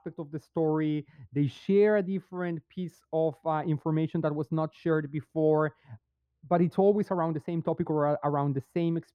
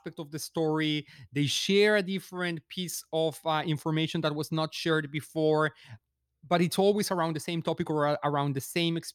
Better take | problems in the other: second | muffled; very; fading above 2.5 kHz

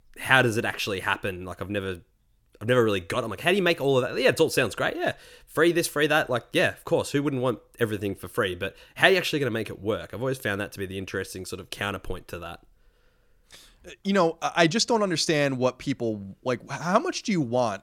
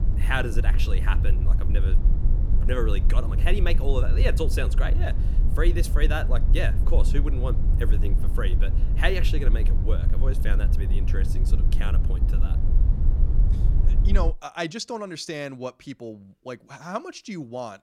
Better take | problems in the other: first | low rumble; loud; until 14 s; 10 dB below the speech

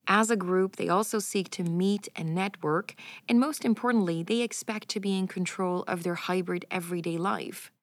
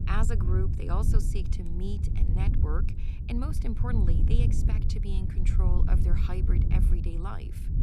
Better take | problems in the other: first | wind noise on the microphone; heavy; 2 dB below the speech

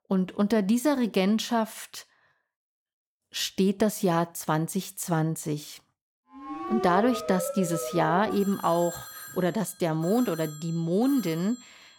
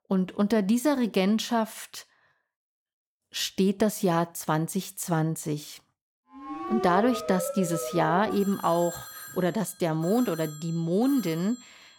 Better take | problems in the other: neither | alarms or sirens; loud; from 6.5 s on; 10 dB below the speech; the same in both

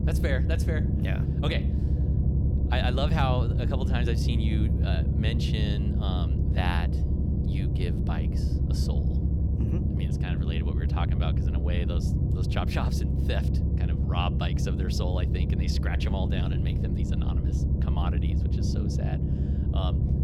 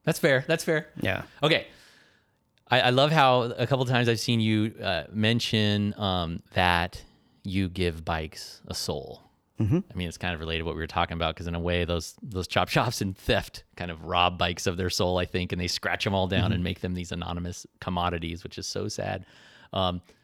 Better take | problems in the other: second | low rumble; loud; throughout; 3 dB below the speech

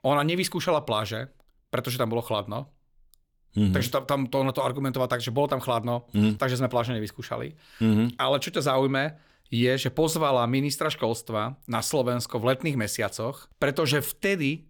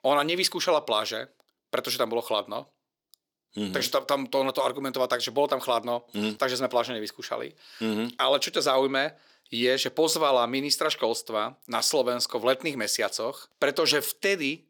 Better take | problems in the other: first | thin; somewhat; fading below 400 Hz

